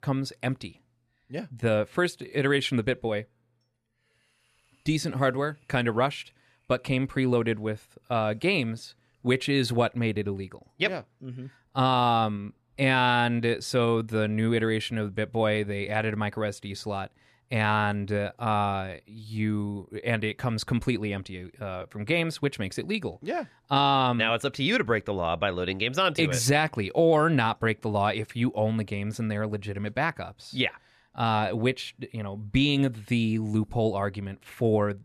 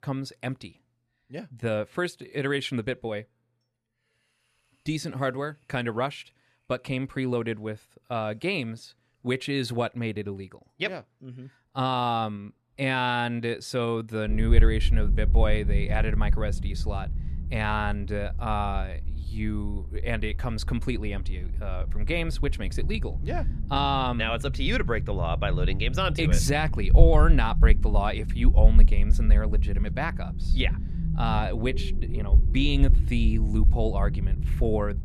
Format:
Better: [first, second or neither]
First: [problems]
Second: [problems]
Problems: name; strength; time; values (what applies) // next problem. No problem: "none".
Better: first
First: none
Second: low rumble; noticeable; from 14 s on; 15 dB below the speech